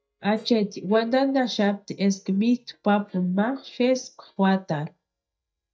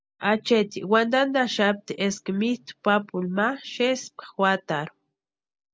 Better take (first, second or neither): second